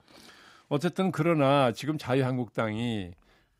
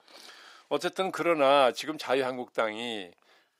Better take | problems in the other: first | thin; somewhat; fading below 500 Hz

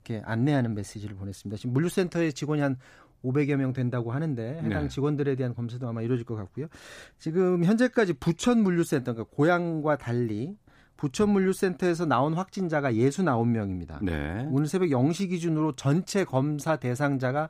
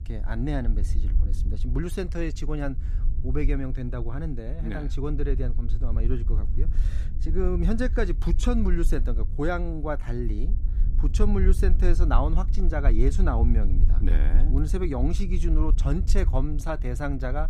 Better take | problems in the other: first | low rumble; noticeable; throughout; 15 dB below the speech

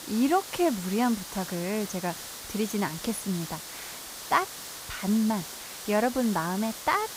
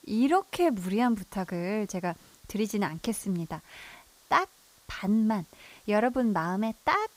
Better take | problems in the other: second | hiss; loud; throughout; 9 dB below the speech; faint in the second

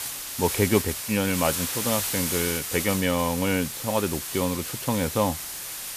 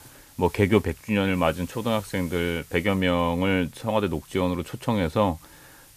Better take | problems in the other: second | hiss; loud; throughout; 3 dB below the speech; faint in the second

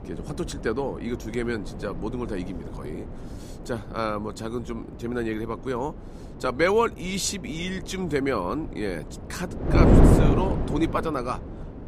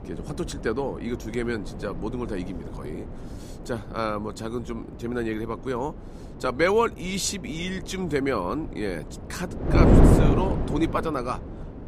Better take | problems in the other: neither | wind noise on the microphone; heavy; 1 dB below the speech; the same in both

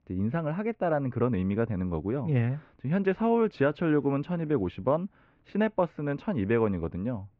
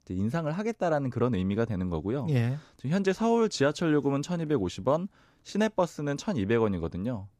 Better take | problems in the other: second | muffled; very; fading above 2.5 kHz

